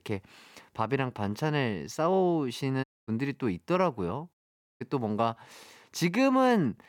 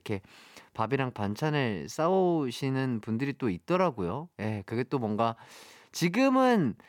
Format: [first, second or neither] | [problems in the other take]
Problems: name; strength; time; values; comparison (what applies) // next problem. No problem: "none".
second | audio cutting out; at 3 s and at 4.5 s